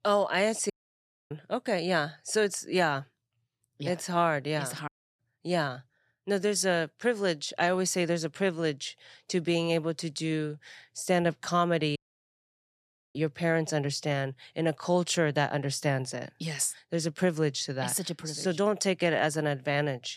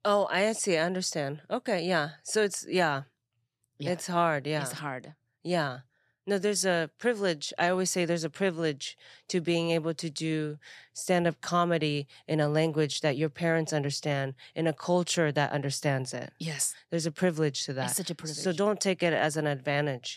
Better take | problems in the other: second | audio cutting out; at 0.5 s for 0.5 s, at 5 s and at 12 s for 1 s

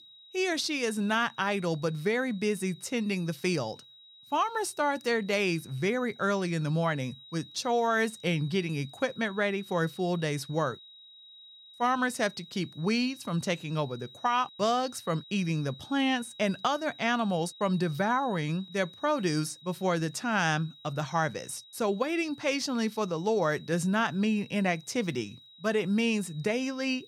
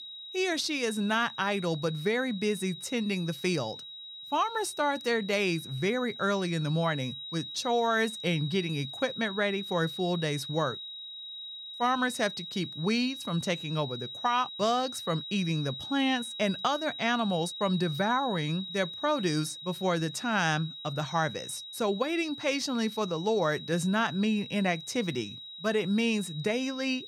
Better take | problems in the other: first | high-pitched whine; loud; throughout; 4 kHz, 9 dB below the speech; faint in the first

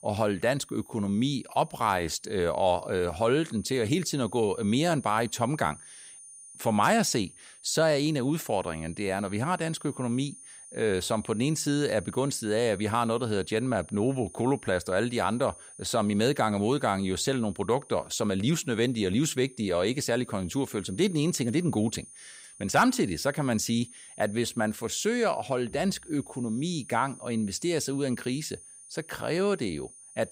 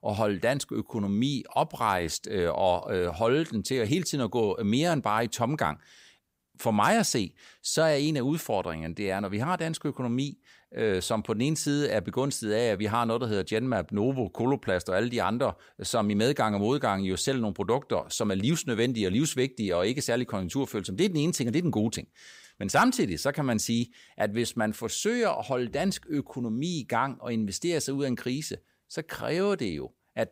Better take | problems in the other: second | high-pitched whine; noticeable; throughout; 9.5 kHz, 20 dB below the speech

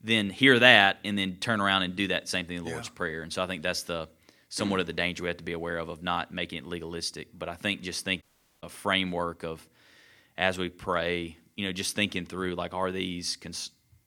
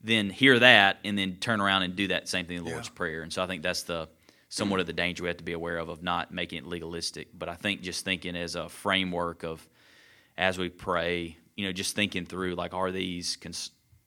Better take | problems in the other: second | audio cutting out; at 8 s

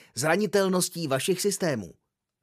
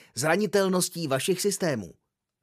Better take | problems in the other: neither | none

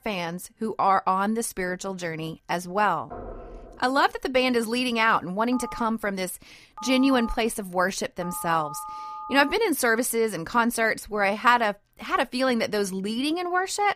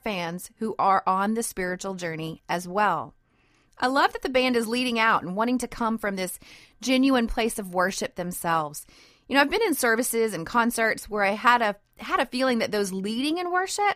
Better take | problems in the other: second | door banging; faint; at 3 s; peak 15 dB below the speech // phone ringing; faint; from 5.5 to 9.5 s; peak 10 dB below the speech

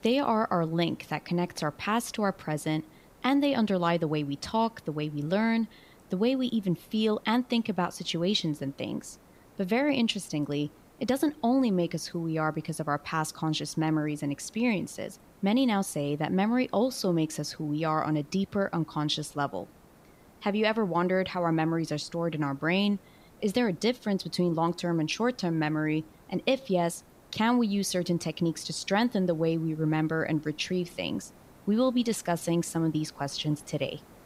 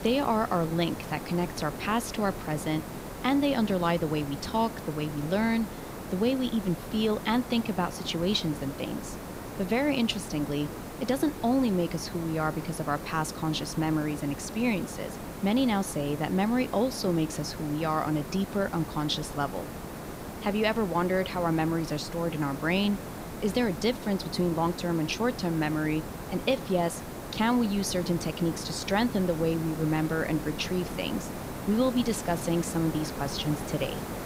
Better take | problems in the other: first | hiss; loud; throughout; 9 dB below the speech; faint in the first

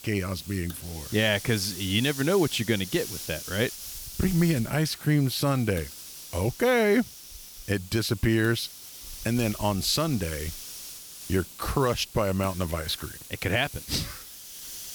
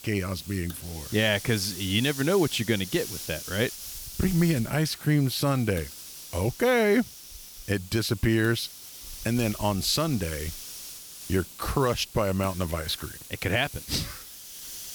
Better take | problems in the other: neither | hiss; noticeable; throughout; 10 dB below the speech; the same in both

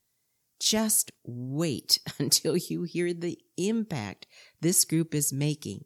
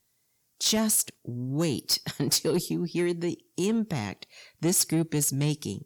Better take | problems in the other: first | distortion; slight; 10 dB below the speech

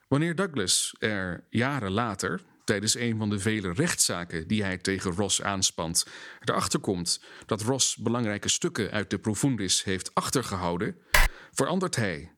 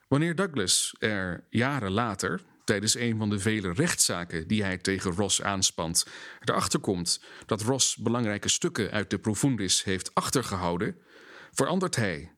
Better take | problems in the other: second | keyboard typing; loud; at 11 s; peak 4 dB above the speech

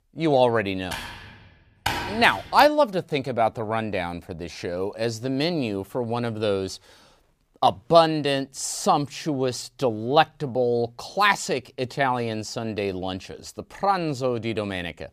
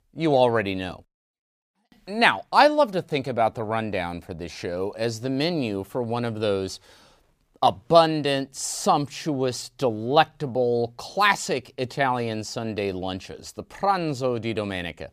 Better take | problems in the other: second | keyboard typing; noticeable; from 1 to 2.5 s; peak 3 dB below the speech

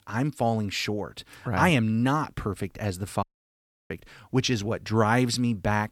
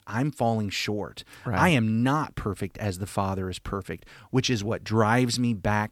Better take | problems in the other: second | audio cutting out; at 3 s for 0.5 s

